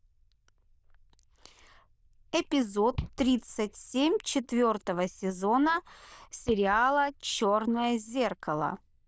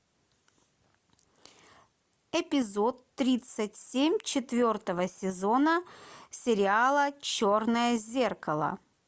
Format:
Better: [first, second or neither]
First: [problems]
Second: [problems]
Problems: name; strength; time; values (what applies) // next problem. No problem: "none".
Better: second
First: noise reduction (neural diffusion model UNIVERSE++)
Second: none